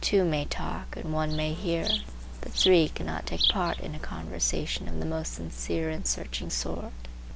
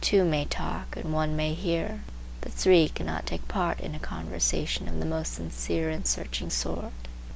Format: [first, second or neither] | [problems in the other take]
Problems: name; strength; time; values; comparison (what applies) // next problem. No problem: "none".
second | background sound (Insect); 5 dB below the speech